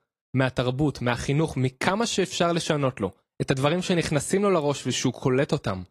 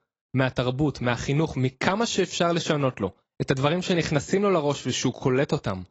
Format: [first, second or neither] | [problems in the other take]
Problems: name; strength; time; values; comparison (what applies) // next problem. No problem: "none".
first | garbled, watery; badly; nothing above 7.5 kHz; slightly in the first